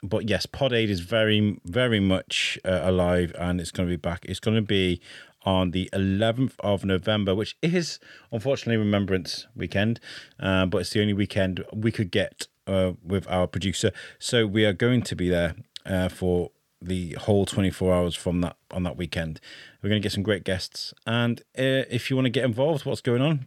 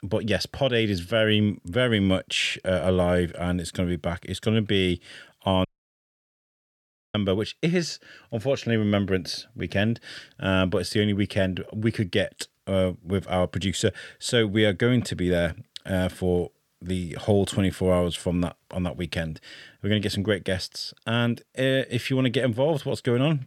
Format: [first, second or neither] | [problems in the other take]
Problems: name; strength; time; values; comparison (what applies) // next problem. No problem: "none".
first | audio cutting out; at 5.5 s for 1.5 s